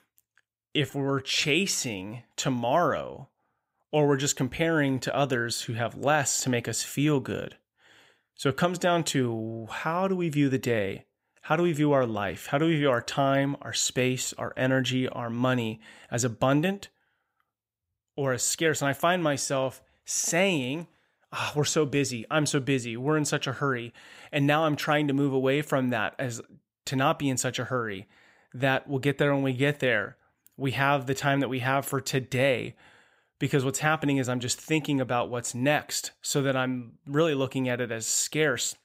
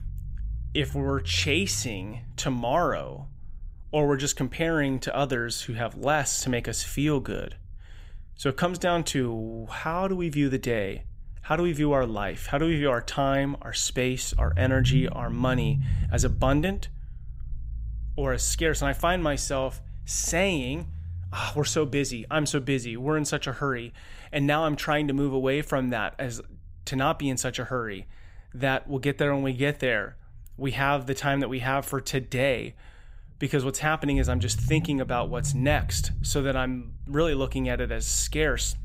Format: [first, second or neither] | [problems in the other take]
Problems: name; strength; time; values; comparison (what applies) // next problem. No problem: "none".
first | low rumble; noticeable; throughout; 20 dB below the speech